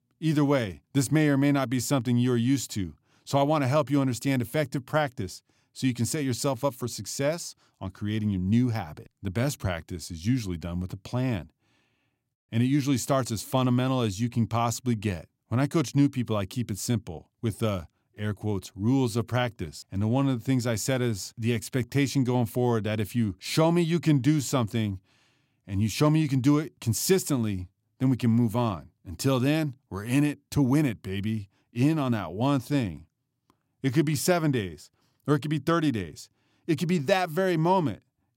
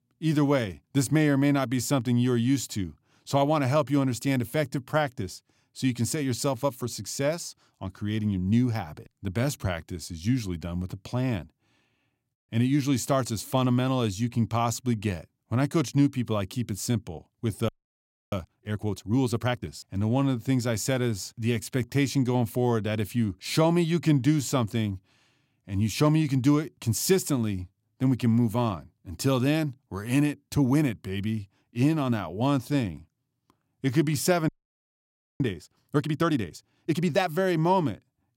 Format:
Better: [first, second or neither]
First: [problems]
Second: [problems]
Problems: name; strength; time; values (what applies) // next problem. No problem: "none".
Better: first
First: none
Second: audio freezing; at 18 s for 0.5 s and at 34 s for 1 s